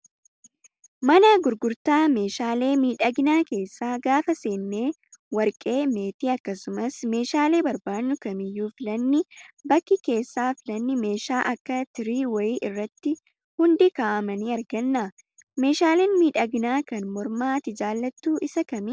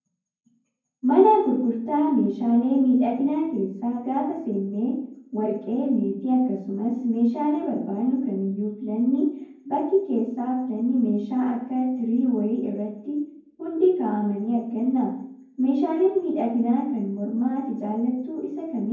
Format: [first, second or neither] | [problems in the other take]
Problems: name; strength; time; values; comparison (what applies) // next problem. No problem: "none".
first | room echo; dies away in 0.9 s